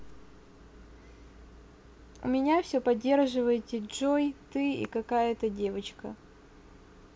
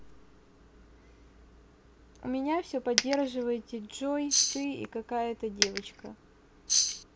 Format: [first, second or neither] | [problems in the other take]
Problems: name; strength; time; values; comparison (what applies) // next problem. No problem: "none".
first | background sound (Coin (dropping) + Tambourine); 5 dB above the speech